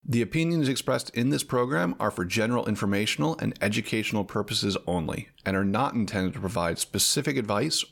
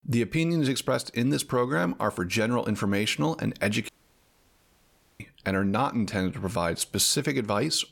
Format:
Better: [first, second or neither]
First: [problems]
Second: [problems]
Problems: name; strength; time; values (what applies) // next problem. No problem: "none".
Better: first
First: none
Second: audio cutting out; at 4 s for 1.5 s